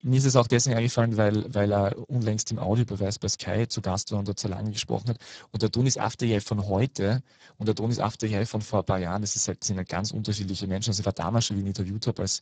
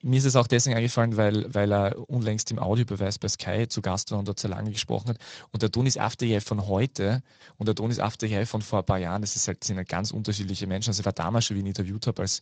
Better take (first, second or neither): second